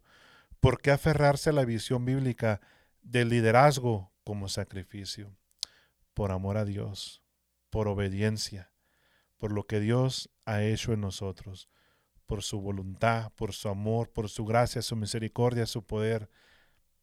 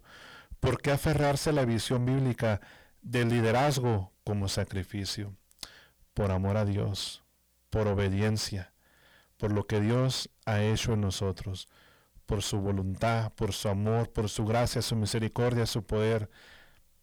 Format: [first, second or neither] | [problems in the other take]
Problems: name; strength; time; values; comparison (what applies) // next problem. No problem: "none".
first | distortion; heavy; 5 dB below the speech